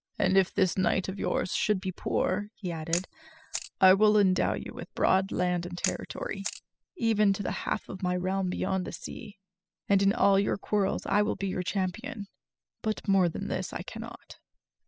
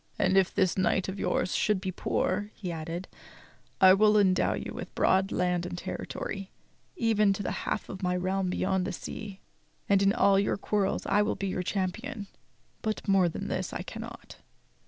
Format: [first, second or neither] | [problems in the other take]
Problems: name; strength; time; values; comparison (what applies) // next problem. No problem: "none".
second | noise reduction (classical method spectral subtraction)